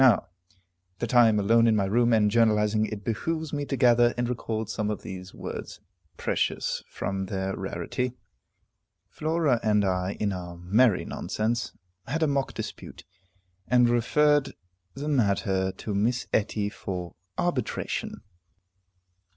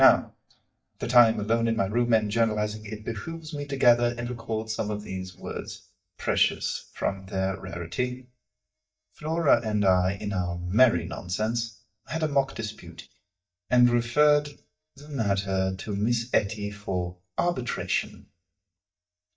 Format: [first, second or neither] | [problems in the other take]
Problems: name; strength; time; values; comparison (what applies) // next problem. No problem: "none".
first | noise reduction (neural mask model DeepFilterNet 3)